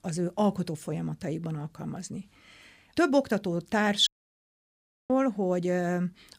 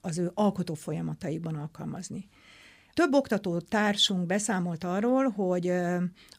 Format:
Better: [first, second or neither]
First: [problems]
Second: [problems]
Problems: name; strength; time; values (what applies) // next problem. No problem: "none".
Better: second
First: audio cutting out; at 4 s for 1 s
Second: none